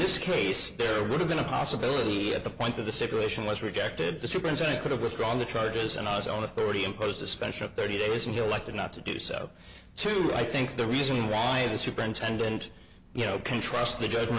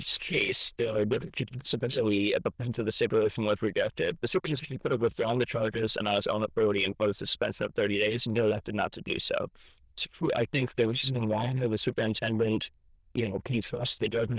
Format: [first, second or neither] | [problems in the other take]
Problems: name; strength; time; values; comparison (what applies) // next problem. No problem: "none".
first | noise reduction (neural diffusion model UNIVERSE++)